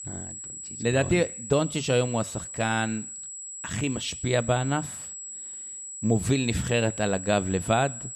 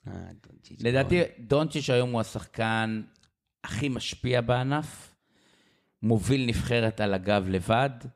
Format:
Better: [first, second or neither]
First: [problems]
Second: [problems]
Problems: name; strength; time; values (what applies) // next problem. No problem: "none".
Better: second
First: high-pitched whine; loud; throughout; 7.5 kHz, 9 dB below the speech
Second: none